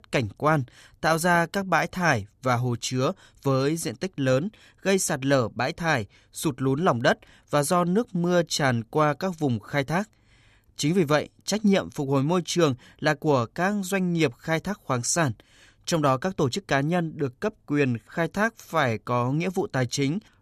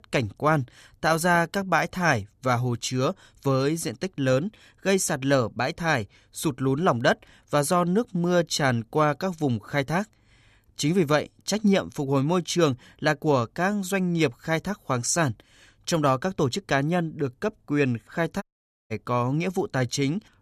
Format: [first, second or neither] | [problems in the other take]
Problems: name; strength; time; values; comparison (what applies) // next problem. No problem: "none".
first | audio cutting out; at 18 s